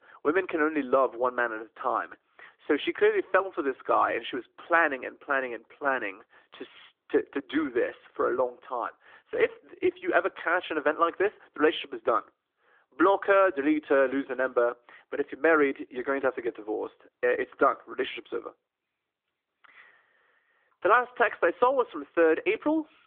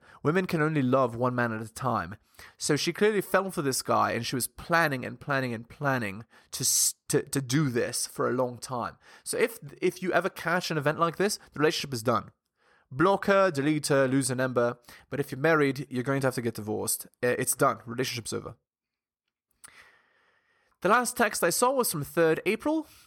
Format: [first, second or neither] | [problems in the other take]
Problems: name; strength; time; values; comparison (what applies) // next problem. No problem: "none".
second | phone-call audio; nothing above 3.5 kHz